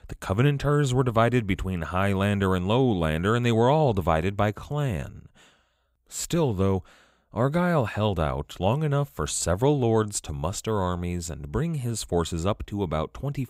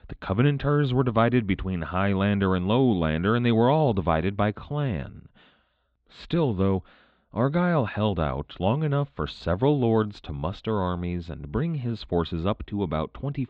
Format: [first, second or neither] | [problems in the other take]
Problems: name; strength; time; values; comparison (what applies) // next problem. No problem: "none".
first | muffled; very; fading above 4 kHz